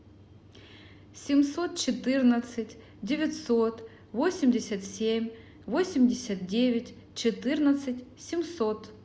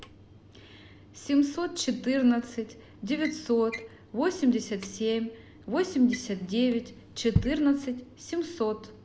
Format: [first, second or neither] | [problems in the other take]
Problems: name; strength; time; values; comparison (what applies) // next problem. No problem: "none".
first | background sound (Drawer open or close); 12 dB below the speech